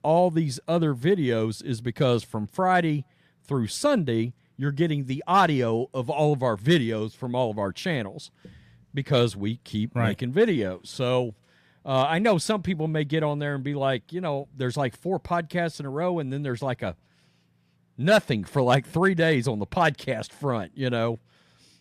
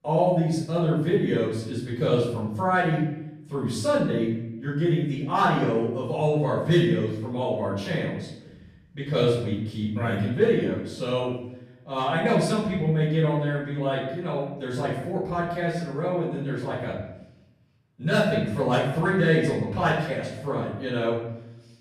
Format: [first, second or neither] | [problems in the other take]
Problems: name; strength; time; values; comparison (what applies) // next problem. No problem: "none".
first | off-mic speech; far // room echo; noticeable; dies away in 0.7 s